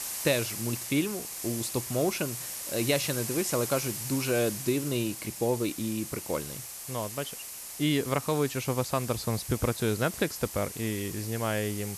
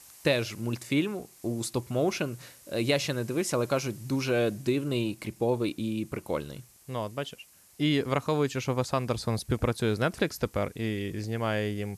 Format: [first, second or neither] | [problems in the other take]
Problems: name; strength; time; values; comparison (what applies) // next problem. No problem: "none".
second | hiss; loud; throughout; 6 dB below the speech; faint in the second